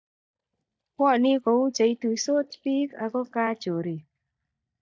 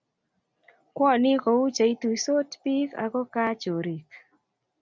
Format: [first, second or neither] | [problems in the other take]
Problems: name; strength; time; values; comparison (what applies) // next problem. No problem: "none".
second | noise reduction (neural mask model DeepFilterNet 3)